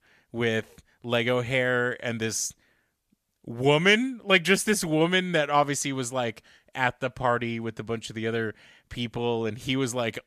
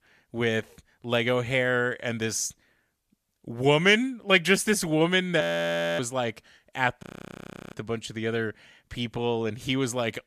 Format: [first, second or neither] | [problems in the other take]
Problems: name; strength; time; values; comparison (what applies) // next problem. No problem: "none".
first | audio freezing; at 5.5 s for 0.5 s and at 7 s for 0.5 s